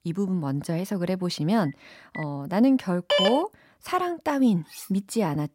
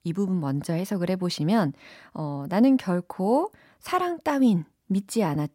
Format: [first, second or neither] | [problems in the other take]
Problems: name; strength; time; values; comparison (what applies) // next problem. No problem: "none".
second | phone ringing; faint; at 1.5 s; peak 15 dB below the speech // phone ringing; loud; at 3 s; peak 3 dB above the speech // clattering dishes; faint; at 4.5 s; peak 15 dB below the speech